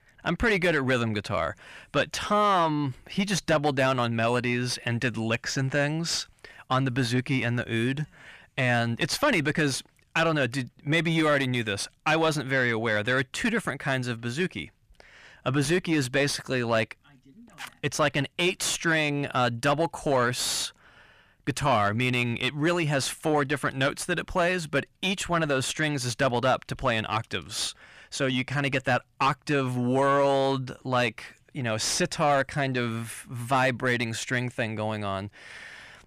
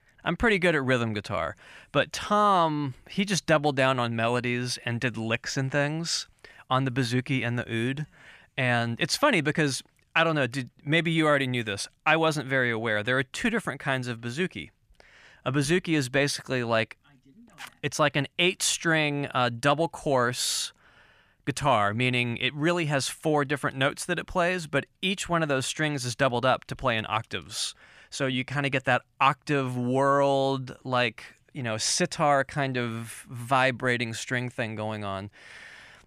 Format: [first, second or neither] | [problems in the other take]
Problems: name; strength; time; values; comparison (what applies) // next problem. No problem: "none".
second | distortion; slight; 10 dB below the speech